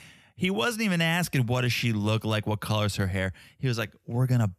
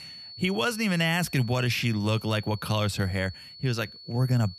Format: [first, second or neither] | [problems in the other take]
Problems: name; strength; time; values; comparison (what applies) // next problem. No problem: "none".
first | high-pitched whine; noticeable; throughout; 4.5 kHz, 15 dB below the speech